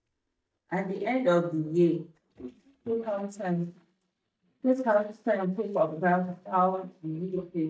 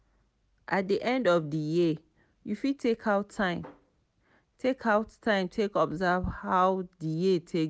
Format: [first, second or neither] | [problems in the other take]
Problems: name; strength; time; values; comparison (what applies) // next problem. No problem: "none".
second | noise reduction (neural mask model DeepFilterNet 3)